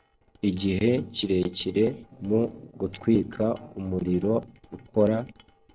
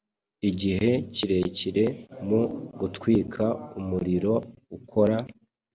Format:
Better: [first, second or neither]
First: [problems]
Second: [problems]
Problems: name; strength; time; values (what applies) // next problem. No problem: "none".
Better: second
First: noise reduction (neural separator model SepFormer DNS4)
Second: none